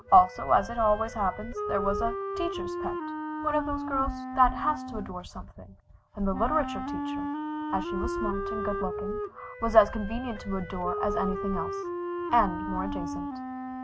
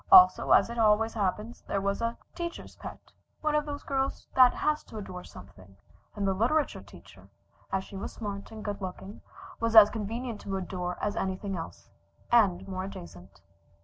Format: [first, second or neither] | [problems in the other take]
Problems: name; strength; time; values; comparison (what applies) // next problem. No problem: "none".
second | background sound (Wind instrument, woodwind instrument); 5 dB below the speech